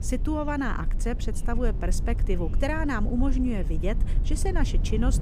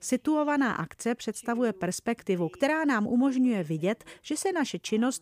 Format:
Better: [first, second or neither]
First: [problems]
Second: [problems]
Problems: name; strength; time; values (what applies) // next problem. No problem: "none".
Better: second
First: low rumble; noticeable; throughout; 15 dB below the speech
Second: none